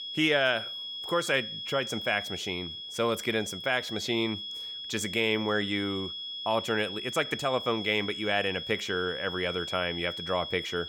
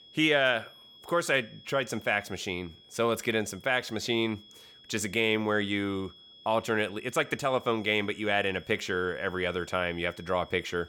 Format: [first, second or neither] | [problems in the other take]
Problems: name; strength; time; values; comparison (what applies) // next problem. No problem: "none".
second | high-pitched whine; loud; throughout; 3.5 kHz, 6 dB below the speech; faint in the second